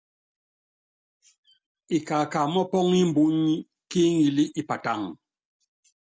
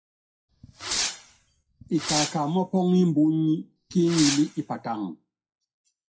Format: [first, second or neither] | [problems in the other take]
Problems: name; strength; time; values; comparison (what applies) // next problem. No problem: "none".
first | noise reduction (classical method WPE with log-MMSE)